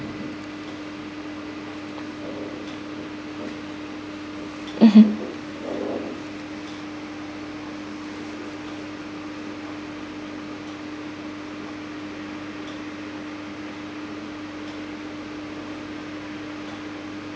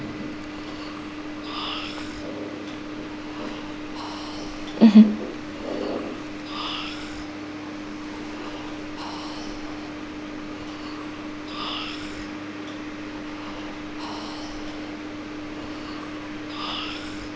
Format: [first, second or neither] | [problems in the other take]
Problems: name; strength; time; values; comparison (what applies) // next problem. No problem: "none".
first | background sound (Breathing); 12 dB below the speech